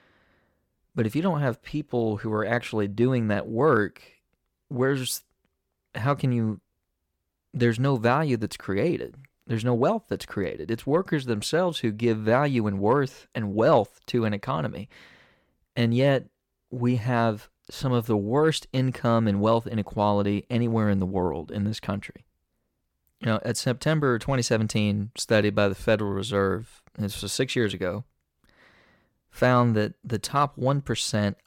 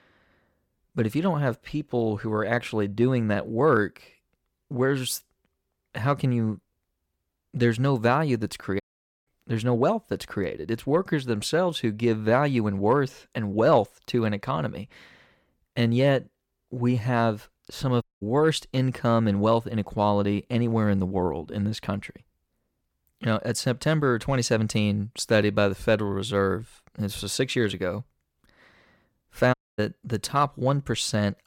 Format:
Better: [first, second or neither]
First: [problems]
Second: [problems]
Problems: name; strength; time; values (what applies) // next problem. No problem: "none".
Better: first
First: none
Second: audio cutting out; at 9 s, at 18 s and at 30 s